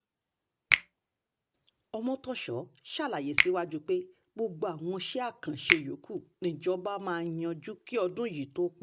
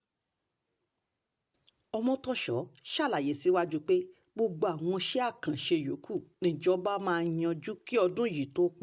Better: second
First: background sound (Finger snapping); 1 dB below the speech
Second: none

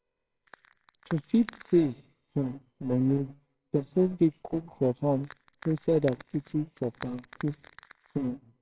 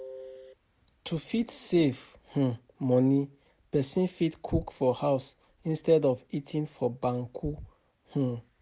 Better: second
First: noise reduction (neural separator model SepFormer WHAMR!)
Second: none

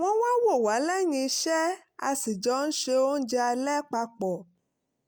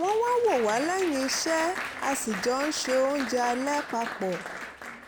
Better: first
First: none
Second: background sound (Applause); 9 dB below the speech

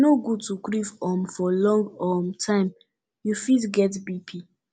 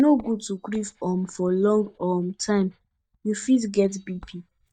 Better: first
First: none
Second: noise reduction (neural mask model DeepFilterNet 3)

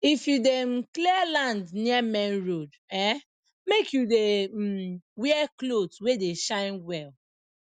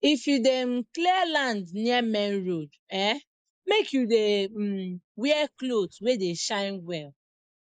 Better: first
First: none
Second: noise reduction (neural mask model Resemble Enhance denoiser)

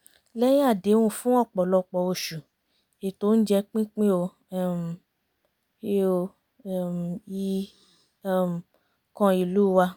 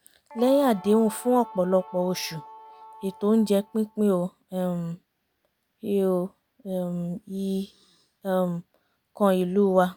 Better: first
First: none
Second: background sound (Guitar); 18 dB below the speech

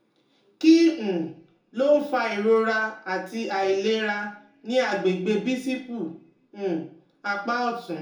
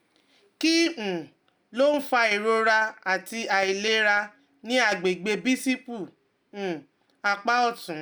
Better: second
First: room echo; dies away in 0.6 s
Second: none

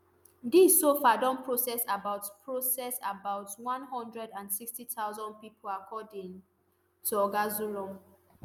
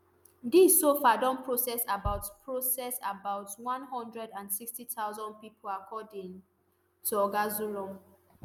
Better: first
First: none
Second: background sound (Bass drum); 14 dB below the speech

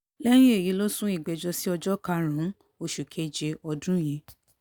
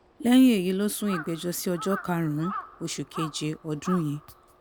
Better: first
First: none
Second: background sound (Crow); 14 dB below the speech

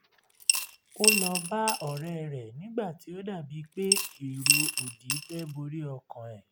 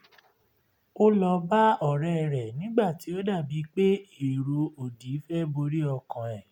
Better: second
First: background sound (Coin (dropping) / Glass); 5 dB above the speech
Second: none

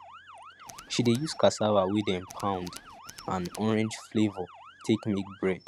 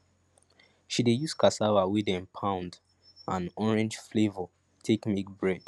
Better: second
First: background sound (Tools + Motor vehicle (road) / Siren); 19 dB below the speech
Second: none

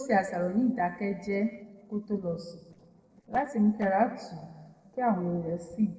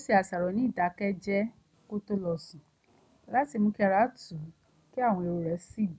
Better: second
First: noise reduction (neural separator model SepFormer DNS4)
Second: none

